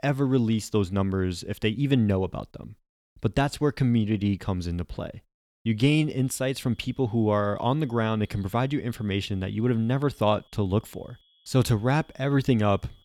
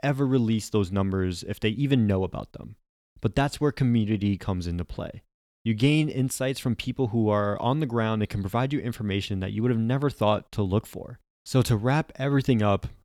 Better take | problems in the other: second | high-pitched whine; faint; from 6 s on; 3.5 kHz, 35 dB below the speech

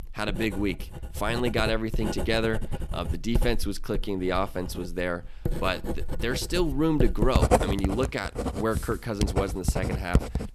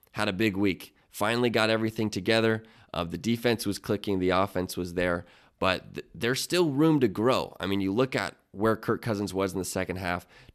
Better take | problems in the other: second | household noises; loud; throughout; 2 dB below the speech

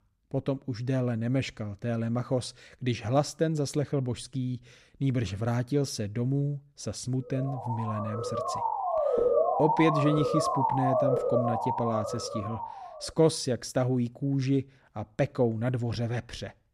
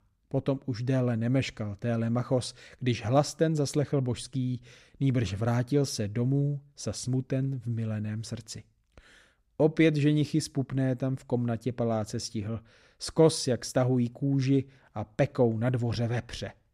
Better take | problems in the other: second | siren; loud; from 7.5 to 13 s; peak 5 dB above the speech

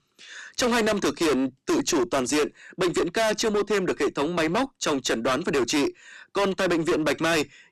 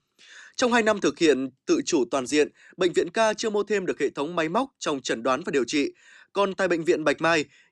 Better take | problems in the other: second | distortion; heavy; 23% of the sound clipped

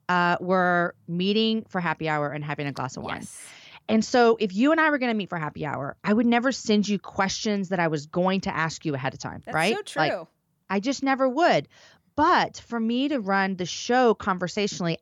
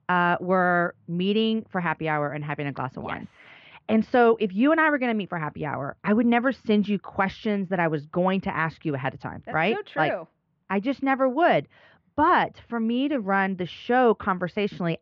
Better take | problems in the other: first | muffled; very; fading above 3 kHz

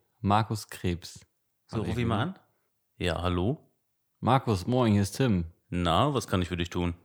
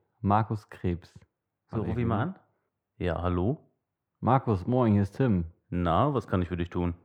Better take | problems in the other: first | muffled; very; fading above 3 kHz

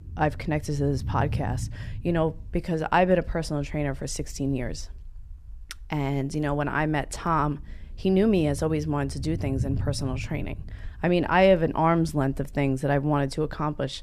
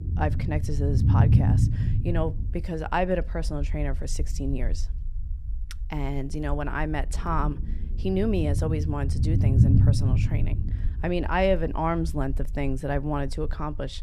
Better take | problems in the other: first | low rumble; loud; throughout; 6 dB below the speech; faint in the first

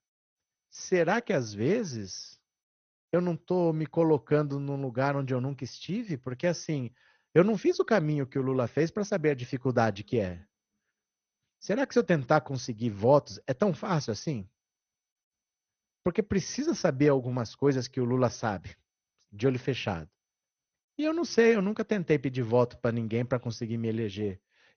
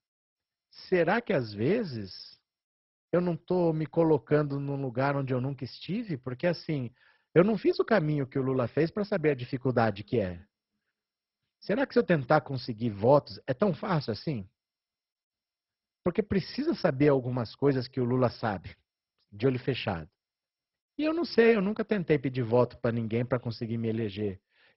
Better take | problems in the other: first | garbled, watery; badly; nothing above 5.5 kHz; slightly in the first

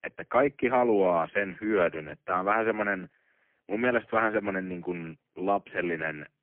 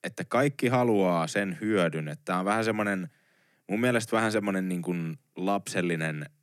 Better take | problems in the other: second | phone-call audio; poor line

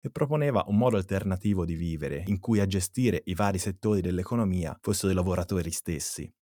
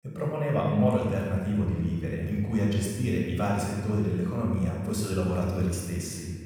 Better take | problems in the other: first | off-mic speech; far // room echo; strong; dies away in 1.9 s

